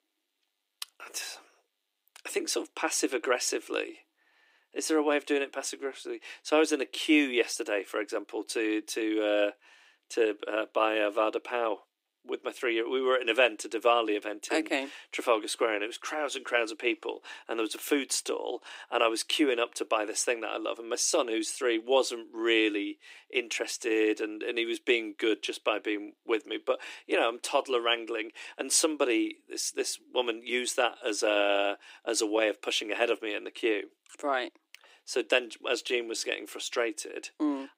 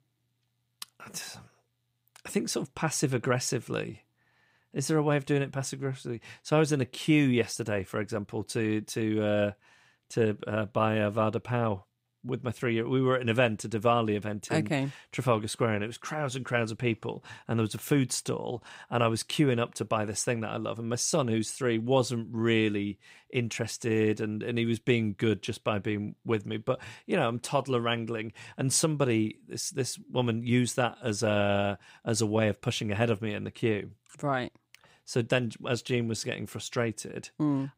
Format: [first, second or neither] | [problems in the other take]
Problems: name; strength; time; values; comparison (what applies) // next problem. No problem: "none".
second | thin; somewhat; fading below 300 Hz